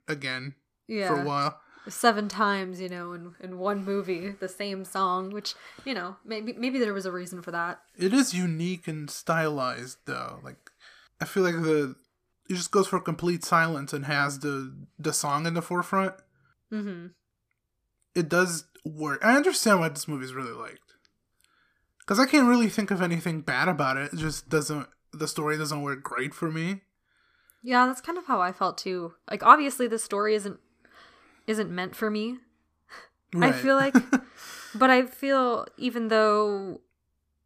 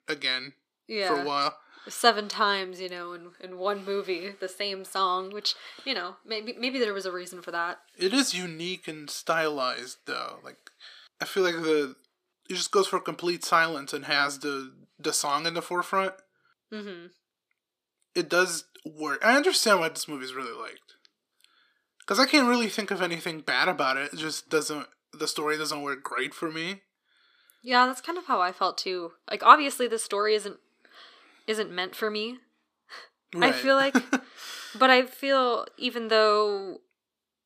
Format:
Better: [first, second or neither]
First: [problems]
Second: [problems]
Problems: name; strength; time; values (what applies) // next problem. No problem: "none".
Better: first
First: none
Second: thin; very slightly; fading below 350 Hz